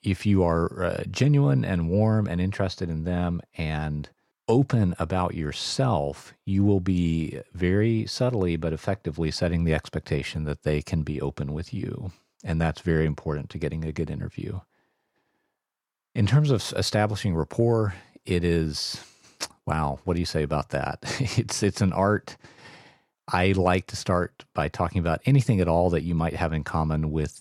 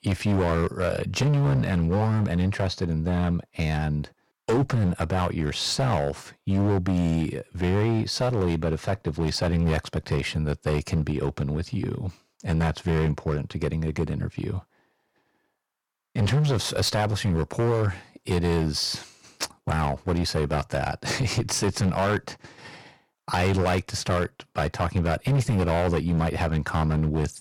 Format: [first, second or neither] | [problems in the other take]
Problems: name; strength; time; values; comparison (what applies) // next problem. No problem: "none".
first | distortion; heavy; 12% of the sound clipped